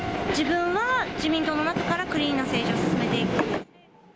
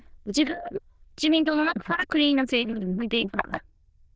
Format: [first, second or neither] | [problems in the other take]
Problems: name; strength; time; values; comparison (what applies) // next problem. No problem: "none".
first | noise reduction (neural diffusion model UNIVERSE++)